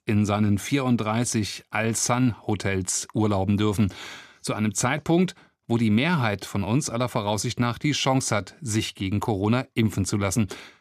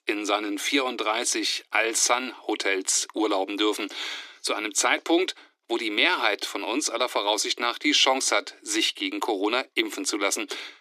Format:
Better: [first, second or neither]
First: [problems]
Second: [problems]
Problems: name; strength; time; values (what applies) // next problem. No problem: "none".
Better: first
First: none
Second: thin; very; fading below 300 Hz